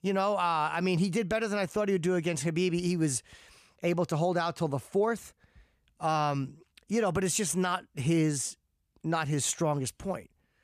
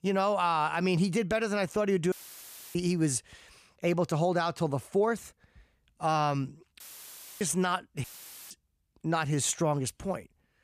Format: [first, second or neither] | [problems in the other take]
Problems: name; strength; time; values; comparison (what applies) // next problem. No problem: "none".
first | audio cutting out; filled with static; at 2 s for 0.5 s, at 7 s for 0.5 s and at 8 s